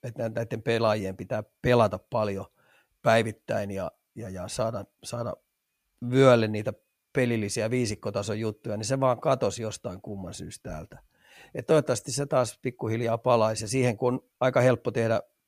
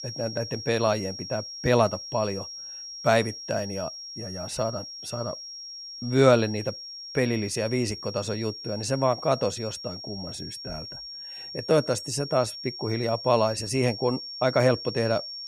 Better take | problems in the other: first | high-pitched whine; loud; throughout; 5.5 kHz, 10 dB below the speech

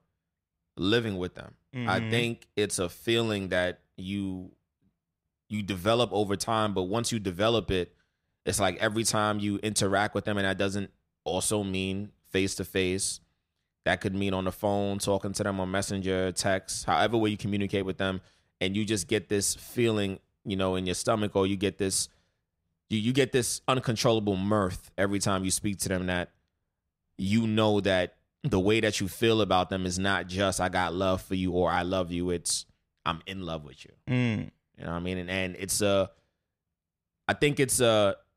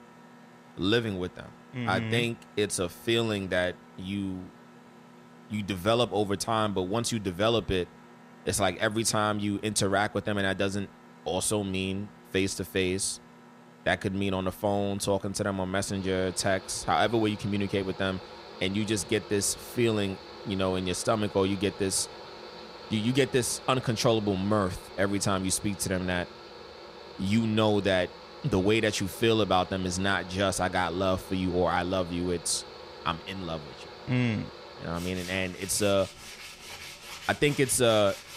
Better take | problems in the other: first | machinery noise; noticeable; throughout; 15 dB below the speech

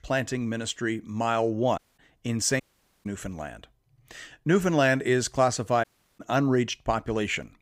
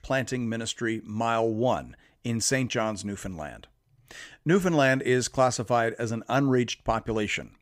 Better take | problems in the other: second | audio cutting out; at 2 s, at 2.5 s and at 6 s

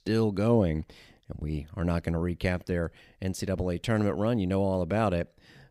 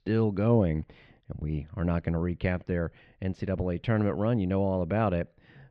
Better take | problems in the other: first | muffled; slightly; fading above 3 kHz

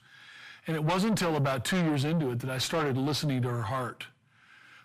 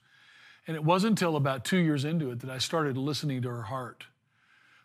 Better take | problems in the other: second | distortion; heavy; 6 dB below the speech

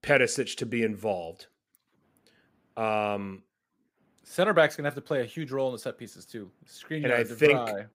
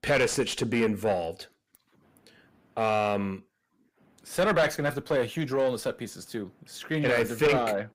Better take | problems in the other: first | distortion; heavy; 7 dB below the speech

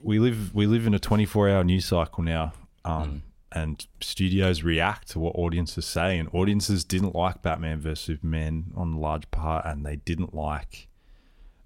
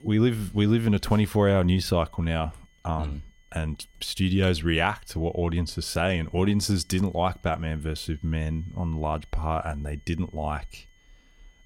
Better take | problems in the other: first | high-pitched whine; faint; throughout; 2 kHz, 35 dB below the speech

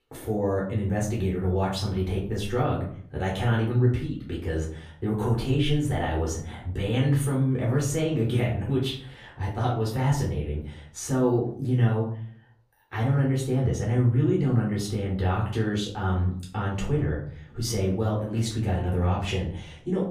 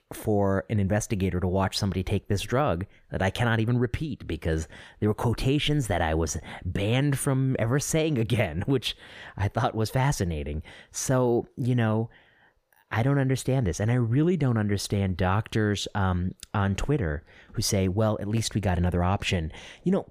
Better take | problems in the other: second | off-mic speech; far // room echo; slight; dies away in 0.5 s

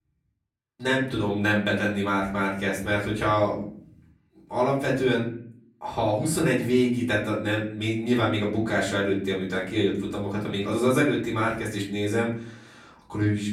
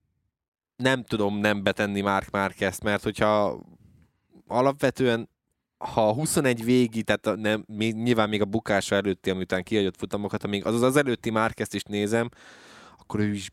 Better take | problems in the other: second | off-mic speech; far // room echo; slight; dies away in 0.5 s

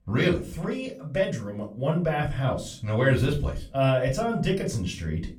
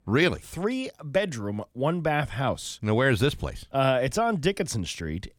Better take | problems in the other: second | off-mic speech; far // room echo; slight; dies away in 0.3 s

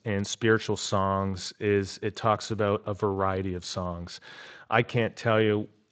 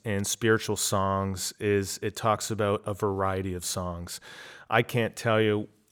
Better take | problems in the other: second | garbled, watery; slightly; nothing above 7.5 kHz

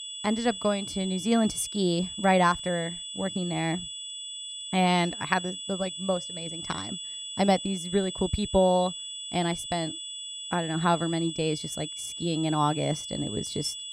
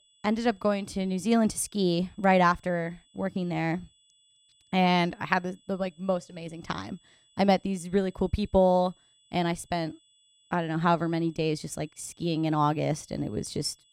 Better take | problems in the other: second | high-pitched whine; loud; throughout; 3.5 kHz, 7 dB below the speech; faint in the second

